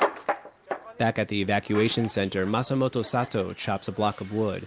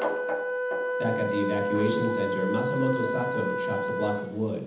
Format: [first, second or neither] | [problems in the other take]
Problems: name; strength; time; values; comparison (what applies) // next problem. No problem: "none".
first | background sound (Wind instrument, woodwind instrument); as loud as the speech // room echo; dies away in 0.8 s